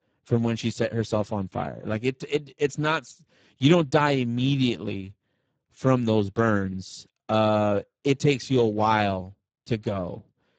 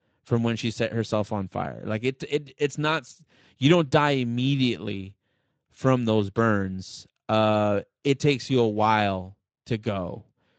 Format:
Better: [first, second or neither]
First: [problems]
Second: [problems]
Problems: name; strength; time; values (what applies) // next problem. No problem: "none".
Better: second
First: garbled, watery; badly; nothing above 7.5 kHz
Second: garbled, watery; slightly; nothing above 7.5 kHz